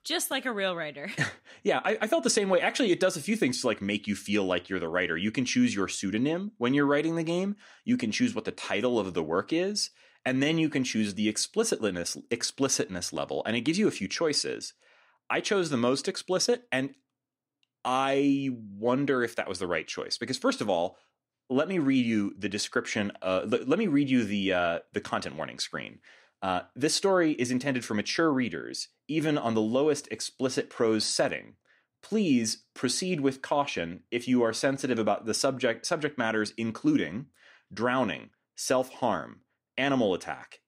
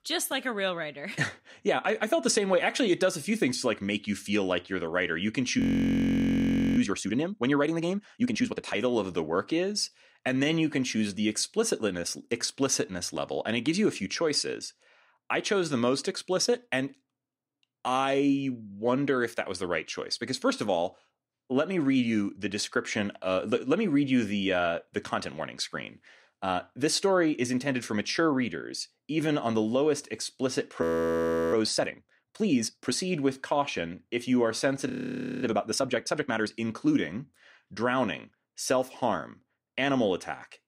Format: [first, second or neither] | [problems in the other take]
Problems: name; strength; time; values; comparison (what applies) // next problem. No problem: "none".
first | audio freezing; at 5.5 s for 1 s, at 31 s for 0.5 s and at 35 s for 0.5 s